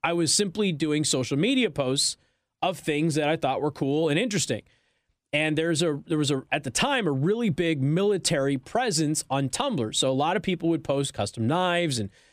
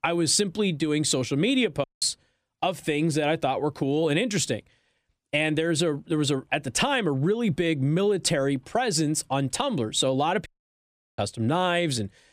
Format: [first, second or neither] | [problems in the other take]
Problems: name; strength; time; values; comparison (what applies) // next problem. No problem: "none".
first | audio cutting out; at 2 s and at 10 s for 0.5 s